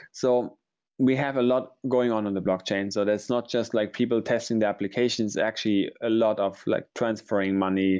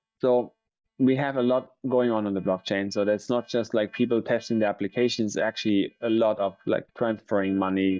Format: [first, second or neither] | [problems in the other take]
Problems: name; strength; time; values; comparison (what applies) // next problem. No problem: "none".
first | noise reduction (neural mask model DeepFilterNet 3)